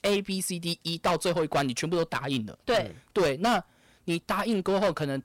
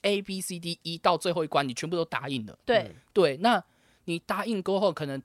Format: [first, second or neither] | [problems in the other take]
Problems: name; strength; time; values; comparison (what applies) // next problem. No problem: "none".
second | distortion; heavy; 10% of the sound clipped